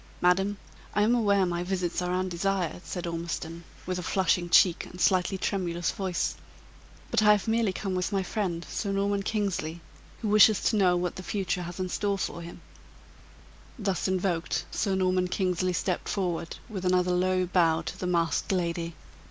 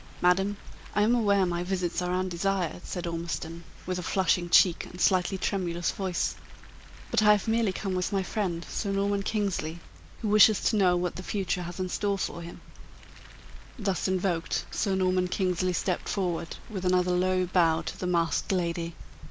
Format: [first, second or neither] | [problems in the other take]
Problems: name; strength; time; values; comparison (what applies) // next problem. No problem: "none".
first | background sound (Car); 14 dB below the speech